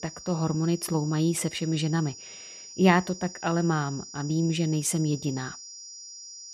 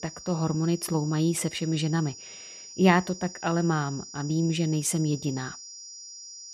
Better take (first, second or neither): neither